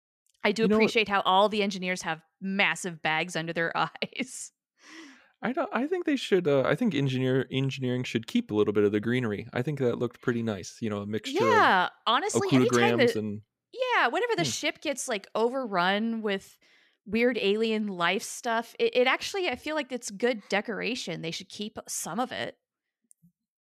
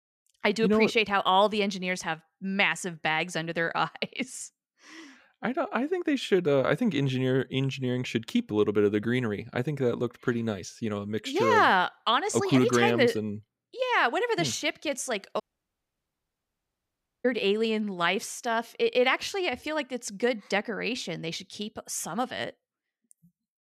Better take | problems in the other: first | audio cutting out; at 15 s for 2 s

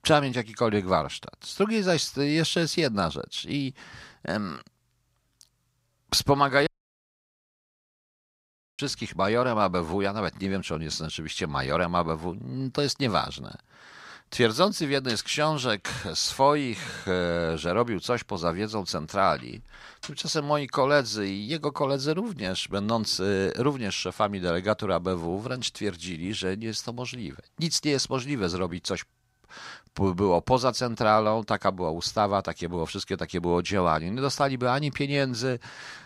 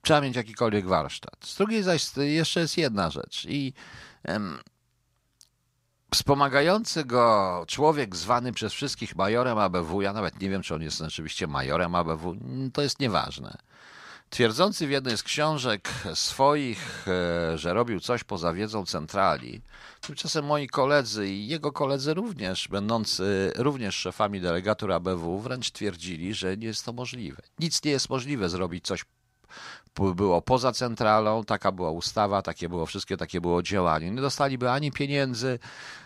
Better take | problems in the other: second | audio cutting out; at 6.5 s for 2 s

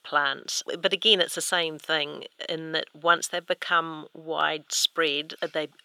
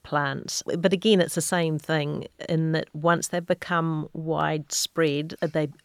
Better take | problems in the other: second | thin; very; fading below 400 Hz

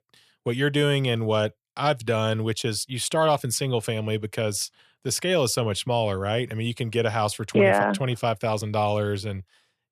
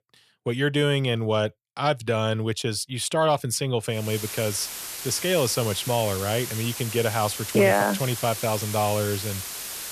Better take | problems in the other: first | hiss; loud; from 4 s on; 7 dB below the speech

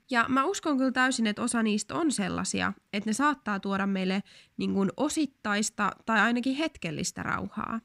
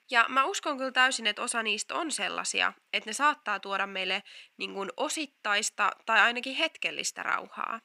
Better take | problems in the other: first | thin; very; fading below 600 Hz

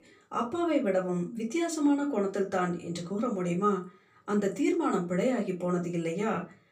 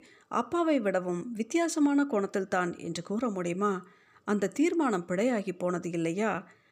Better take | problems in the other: second | off-mic speech; far // room echo; very slight; dies away in 0.3 s

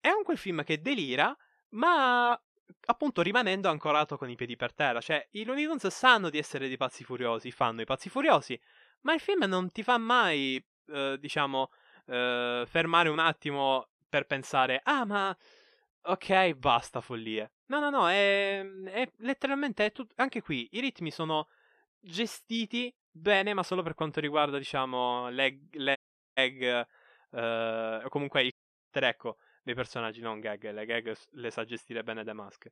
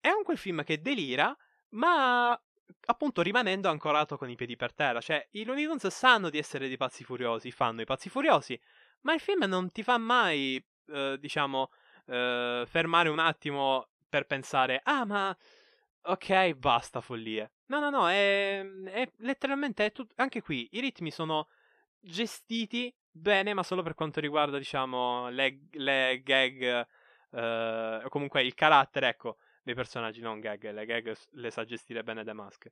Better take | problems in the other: second | audio cutting out; at 26 s and at 29 s

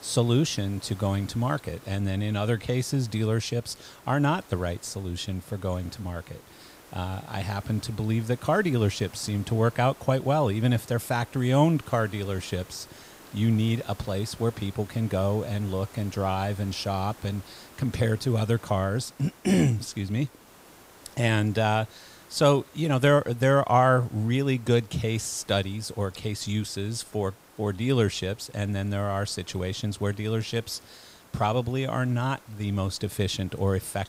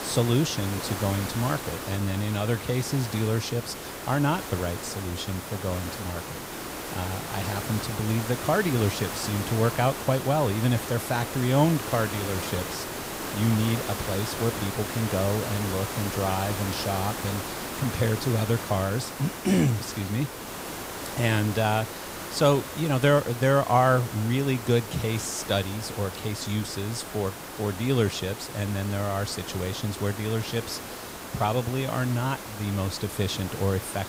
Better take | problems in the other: first | hiss; loud; throughout; 7 dB below the speech; faint in the first

